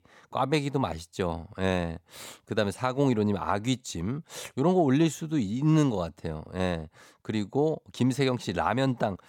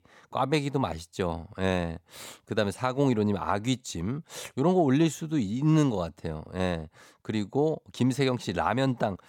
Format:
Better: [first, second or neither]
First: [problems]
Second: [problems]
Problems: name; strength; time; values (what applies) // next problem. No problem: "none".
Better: neither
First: none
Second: none